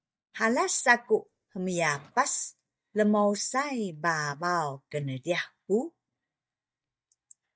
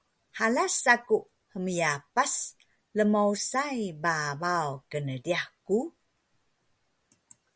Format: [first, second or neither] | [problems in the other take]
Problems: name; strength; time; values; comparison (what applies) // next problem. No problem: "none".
second | noise reduction (neural mask model DeepFilterNet 3)